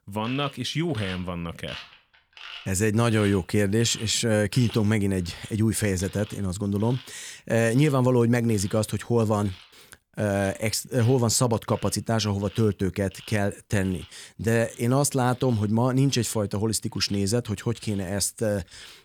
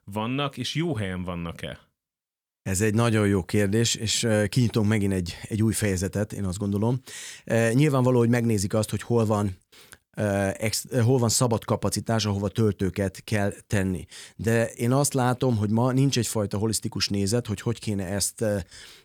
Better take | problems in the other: second | machinery noise; faint; throughout; 20 dB below the speech

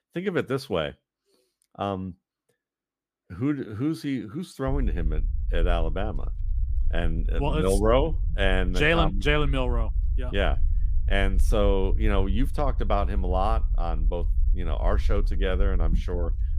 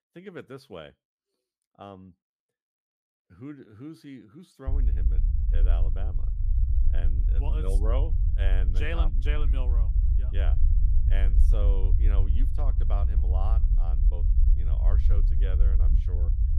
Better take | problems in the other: first | low rumble; loud; from 4.5 s on; 5 dB below the speech; faint in the first

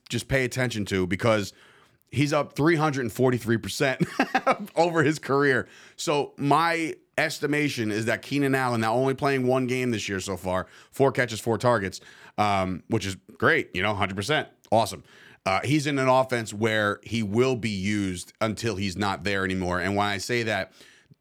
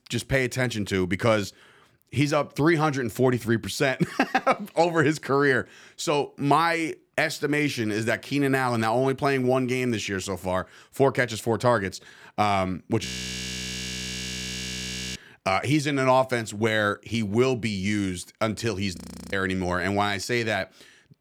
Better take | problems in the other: first | audio freezing; at 13 s for 2 s and at 19 s

